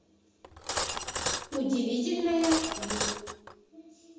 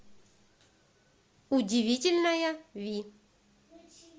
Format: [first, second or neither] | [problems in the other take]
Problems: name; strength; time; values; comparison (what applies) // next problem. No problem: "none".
second | background sound (Cutlery, silverware); 2 dB below the speech // room echo; dies away in 1.1 s